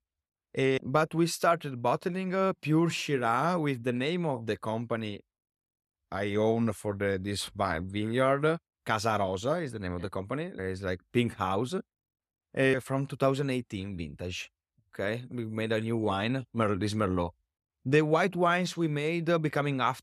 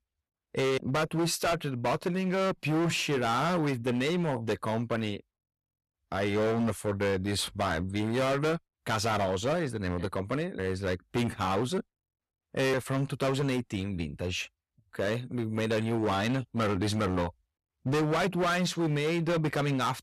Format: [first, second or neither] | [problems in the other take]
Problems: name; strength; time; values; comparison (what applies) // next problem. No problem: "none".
first | distortion; heavy; 17% of the sound clipped